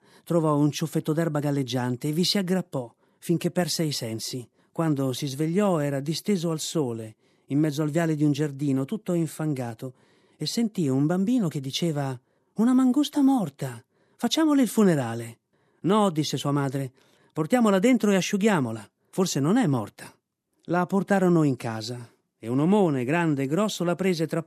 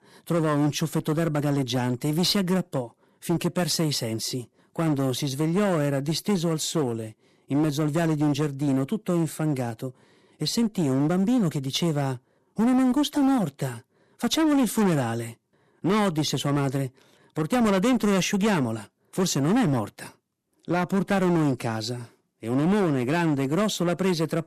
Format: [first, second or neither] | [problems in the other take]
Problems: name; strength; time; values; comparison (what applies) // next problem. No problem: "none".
first | distortion; slight; 14% of the sound clipped